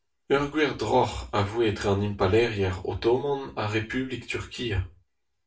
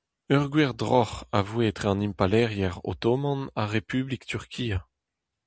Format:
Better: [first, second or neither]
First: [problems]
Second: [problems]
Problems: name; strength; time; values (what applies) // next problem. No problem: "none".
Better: second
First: room echo; dies away in 0.3 s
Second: none